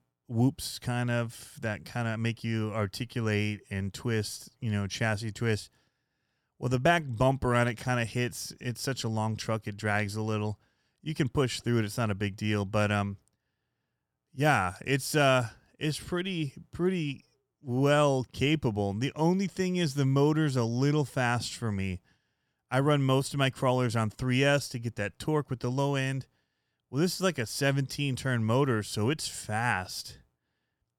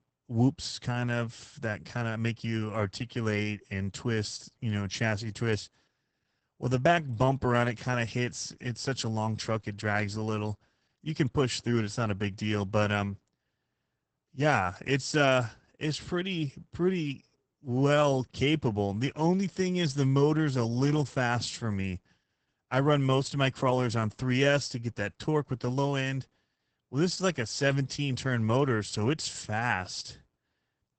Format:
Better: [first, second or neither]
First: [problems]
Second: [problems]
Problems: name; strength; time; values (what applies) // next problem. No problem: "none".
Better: first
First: none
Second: garbled, watery; badly; nothing above 8 kHz